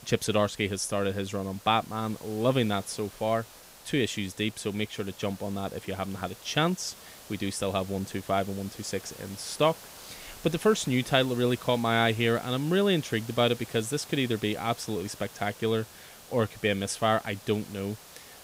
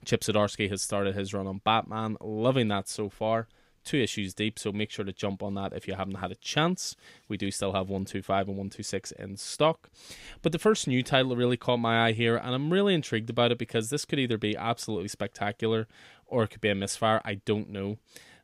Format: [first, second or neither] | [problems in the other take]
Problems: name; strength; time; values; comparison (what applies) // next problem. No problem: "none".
second | hiss; noticeable; throughout; 20 dB below the speech